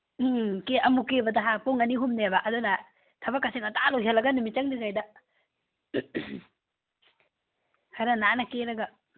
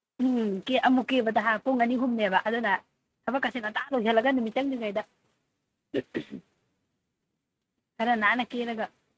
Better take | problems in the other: first | noise reduction (neural mask model RNNoise)

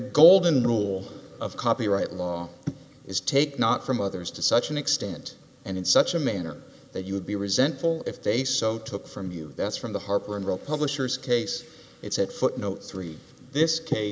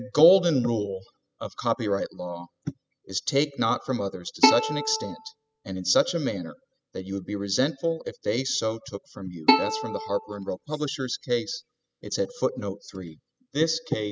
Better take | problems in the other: first | noise reduction (classical method spectral subtraction)

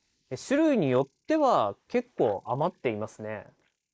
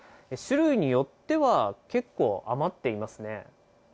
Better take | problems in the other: second | noise reduction (neural mask model Resemble Enhance denoiser)

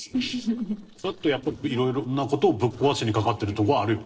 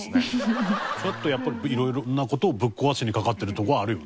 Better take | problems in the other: second | noise reduction (neural separator model SepFormer DNS4)

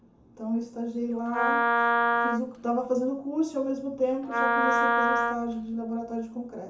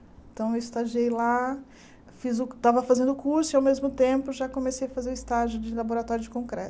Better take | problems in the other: second | background sound (Wind instrument, woodwind instrument); 4 dB above the speech // room echo; dies away in 0.7 s

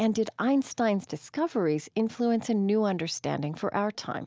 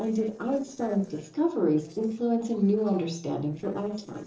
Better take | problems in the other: first | noise reduction (neural separator model SepFormer DNS4)

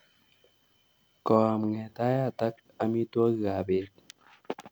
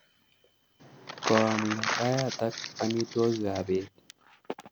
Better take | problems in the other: first | background sound (Crumpling, crinkling); 5 dB below the speech

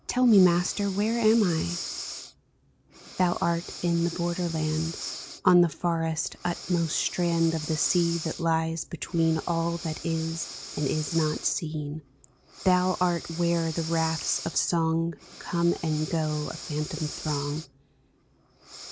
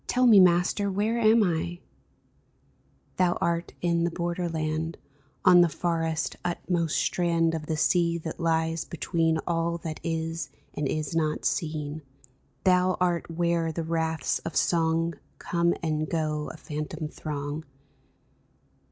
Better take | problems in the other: second | background sound (Breathing); 13 dB below the speech

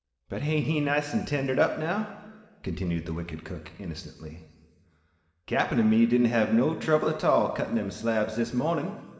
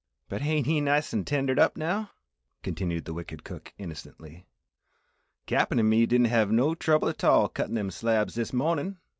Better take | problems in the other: second | room echo; dies away in 1.7 s

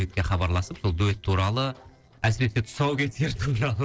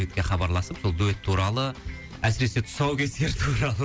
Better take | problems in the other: second | noise reduction (neural separator model SepFormer DNS4)

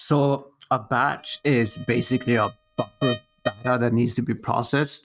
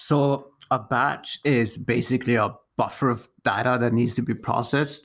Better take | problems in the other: second | noise reduction (neural mask model RNNoise)

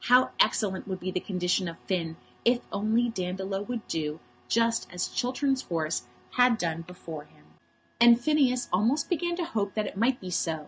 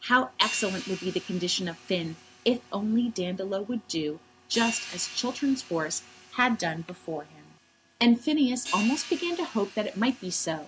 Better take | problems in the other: first | background sound (Hi-hat); 14 dB below the speech

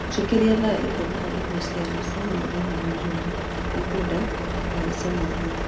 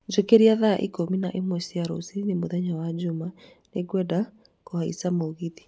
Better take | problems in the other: second | background sound (Truck); 1 dB below the speech // room echo; dies away in 2.3 s

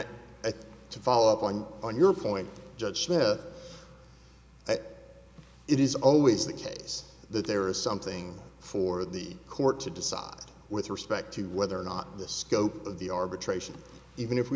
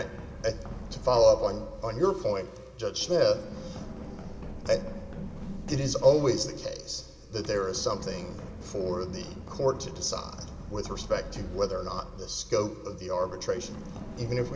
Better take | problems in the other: first | background sound (Run); 11 dB below the speech // room echo; dies away in 1.8 s

